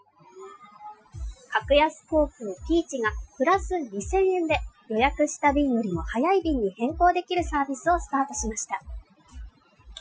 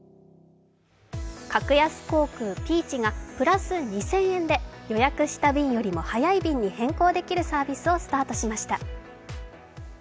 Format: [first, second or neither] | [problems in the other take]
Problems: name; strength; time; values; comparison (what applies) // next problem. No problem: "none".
second | noise reduction (classical method Wiener filter)